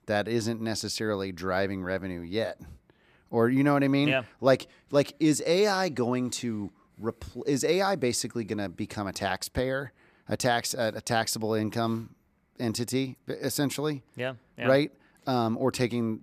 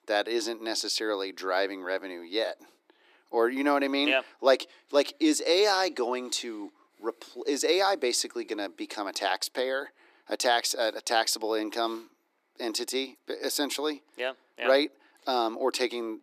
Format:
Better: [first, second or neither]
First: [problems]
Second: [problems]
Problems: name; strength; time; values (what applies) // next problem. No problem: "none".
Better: first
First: none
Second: thin; somewhat; fading below 300 Hz